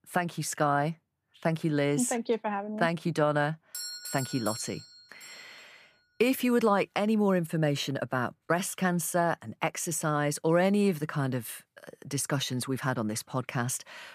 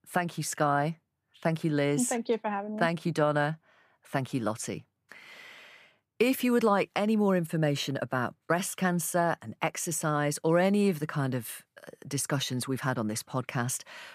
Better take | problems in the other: second | doorbell; noticeable; from 3.5 to 5.5 s; peak 7 dB below the speech

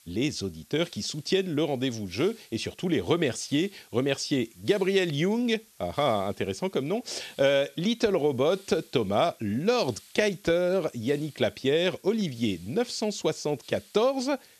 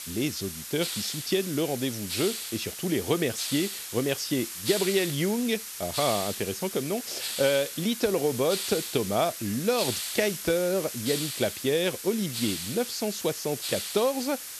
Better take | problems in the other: first | hiss; loud; throughout; 5 dB below the speech; faint in the first

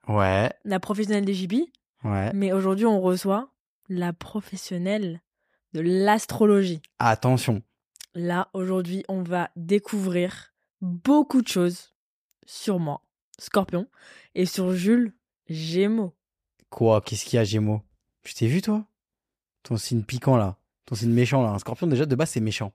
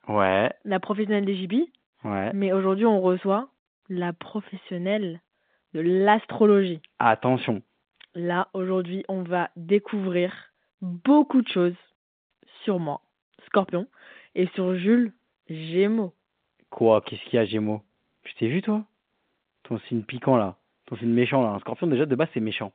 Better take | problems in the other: first | phone-call audio; nothing above 3.5 kHz

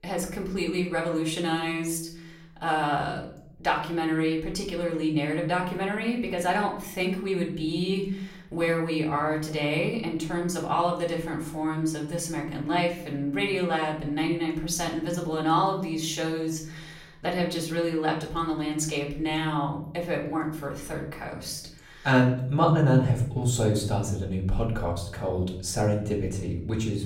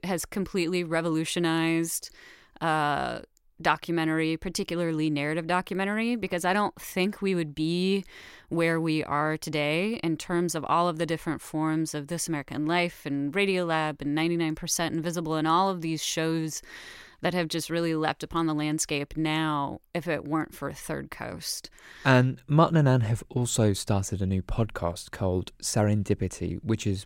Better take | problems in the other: second | off-mic speech; far // room echo; slight; dies away in 0.7 s

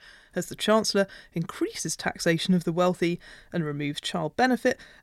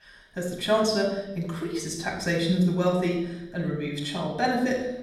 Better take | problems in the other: first | off-mic speech; far // room echo; noticeable; dies away in 0.8 s

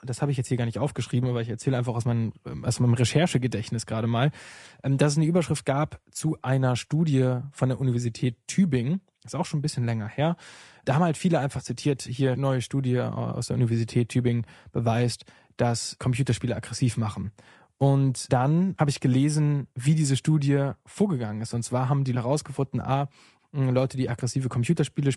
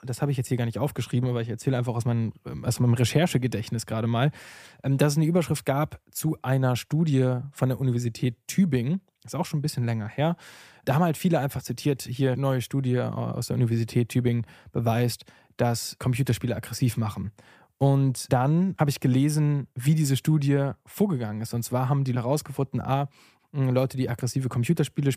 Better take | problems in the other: second | garbled, watery; slightly; nothing above 10.5 kHz

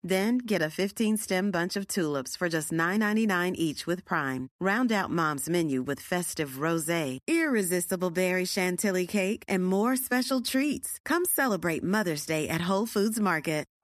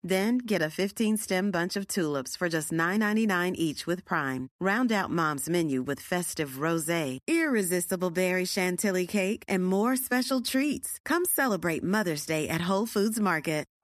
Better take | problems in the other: neither | none

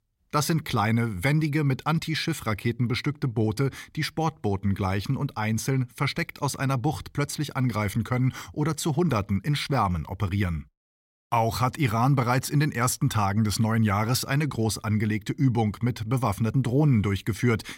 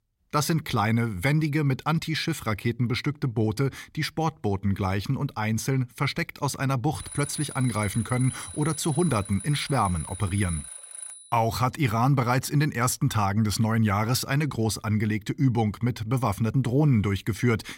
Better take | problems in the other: first | alarm; noticeable; from 7 to 11 s; peak 8 dB below the speech

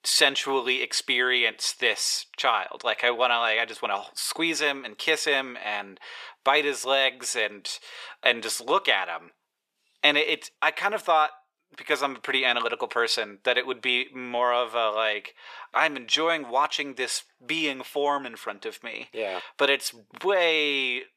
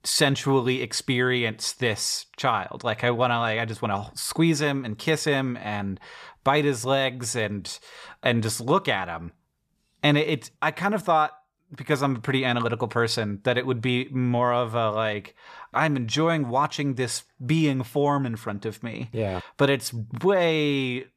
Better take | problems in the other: second | thin; very; fading below 400 Hz

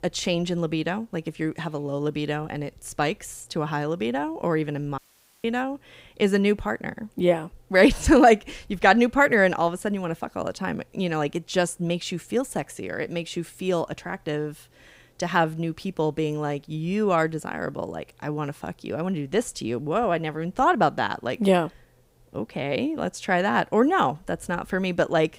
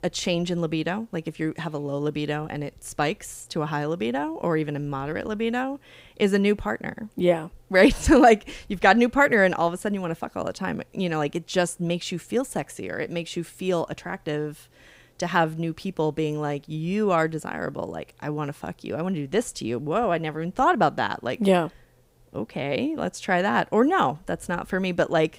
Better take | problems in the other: second | audio cutting out; at 5 s

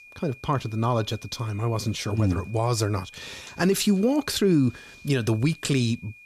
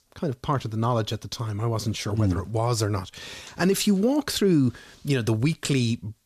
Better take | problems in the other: second | high-pitched whine; faint; throughout; 2.5 kHz, 20 dB below the speech

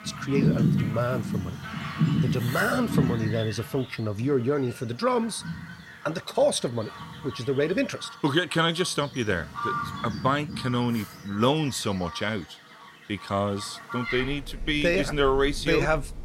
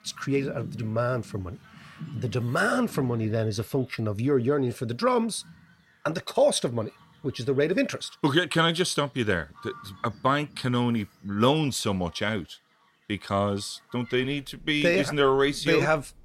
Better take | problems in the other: second | animal sounds; loud; throughout; 4 dB below the speech; faint in the second

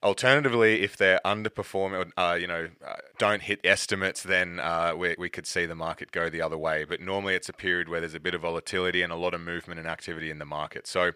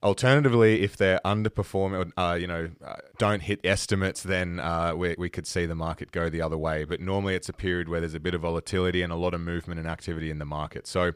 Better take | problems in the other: second | thin; somewhat; fading below 800 Hz

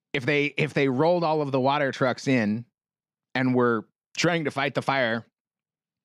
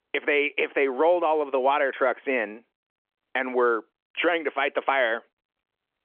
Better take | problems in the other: first | phone-call audio; nothing above 3.5 kHz

